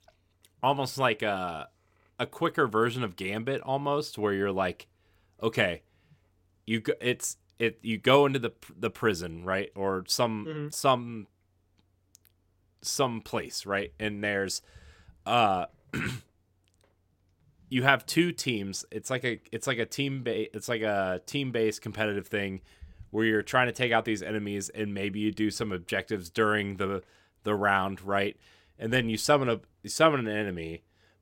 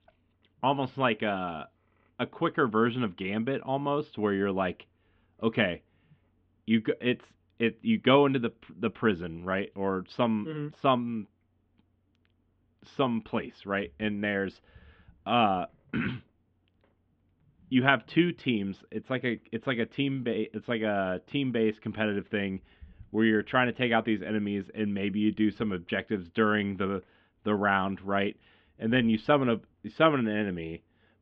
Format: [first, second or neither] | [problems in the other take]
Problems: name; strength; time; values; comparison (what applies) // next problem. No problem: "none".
first | muffled; very; fading above 3 kHz